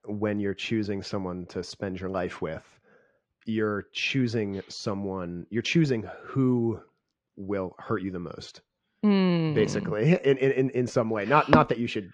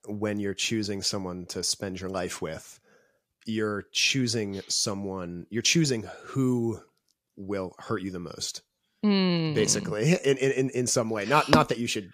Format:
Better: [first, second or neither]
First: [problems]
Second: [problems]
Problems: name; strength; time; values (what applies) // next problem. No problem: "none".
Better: second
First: muffled; slightly; fading above 2.5 kHz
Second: none